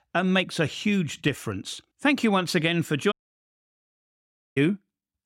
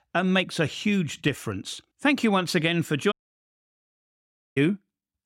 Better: neither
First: audio cutting out; at 3 s for 1.5 s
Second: audio cutting out; at 3 s for 1.5 s

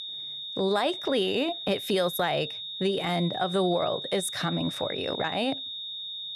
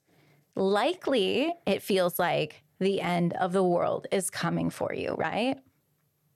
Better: second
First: high-pitched whine; loud; throughout; 3.5 kHz, 6 dB below the speech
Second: none

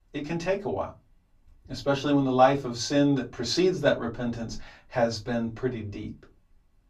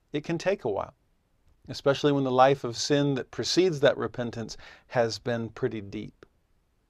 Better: second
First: off-mic speech; far // room echo; very slight; dies away in 0.2 s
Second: none

